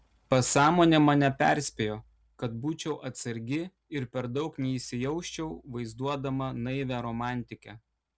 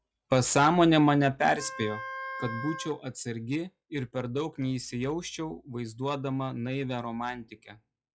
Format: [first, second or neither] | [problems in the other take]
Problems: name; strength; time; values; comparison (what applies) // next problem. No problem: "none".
first | noise reduction (classical method log-MMSE)